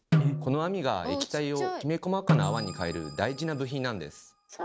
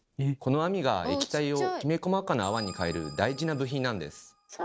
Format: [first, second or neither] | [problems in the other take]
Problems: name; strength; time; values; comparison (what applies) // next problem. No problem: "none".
second | background sound (Snare drum); 1 dB below the speech